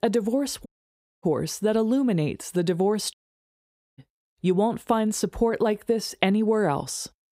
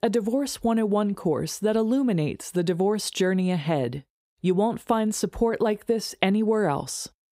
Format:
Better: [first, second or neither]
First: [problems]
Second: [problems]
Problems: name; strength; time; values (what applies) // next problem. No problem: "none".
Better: second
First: audio cutting out; at 0.5 s for 0.5 s and at 3 s for 1 s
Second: none